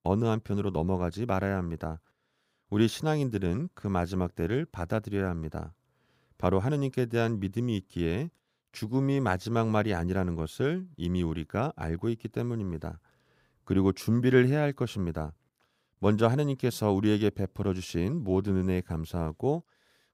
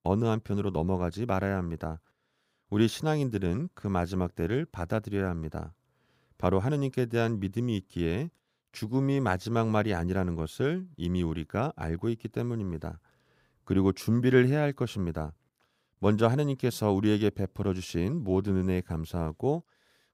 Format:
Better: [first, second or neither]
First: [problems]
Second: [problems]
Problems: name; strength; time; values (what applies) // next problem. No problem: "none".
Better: neither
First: none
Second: none